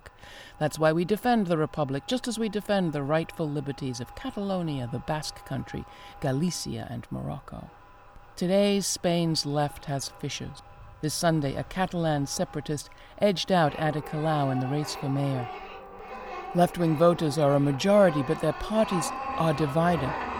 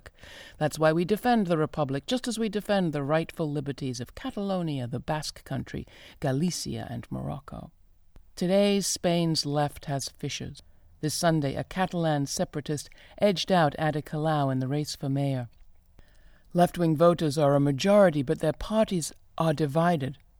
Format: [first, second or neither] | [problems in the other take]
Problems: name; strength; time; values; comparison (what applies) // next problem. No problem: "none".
second | household noises; noticeable; throughout; 15 dB below the speech